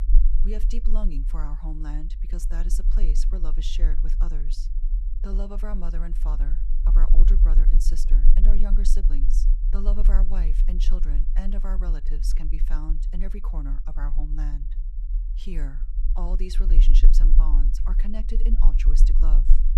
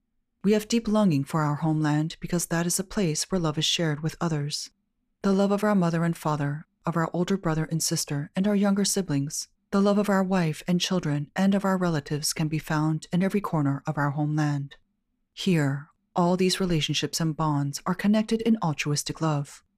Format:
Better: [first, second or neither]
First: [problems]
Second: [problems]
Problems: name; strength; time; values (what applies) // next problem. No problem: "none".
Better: second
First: low rumble; loud; throughout; 8 dB below the speech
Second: none